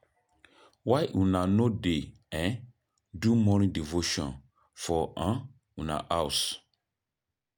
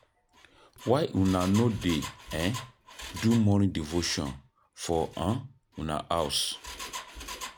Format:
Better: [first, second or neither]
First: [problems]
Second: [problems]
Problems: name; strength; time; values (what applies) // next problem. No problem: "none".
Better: first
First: none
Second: background sound (Engine); 15 dB below the speech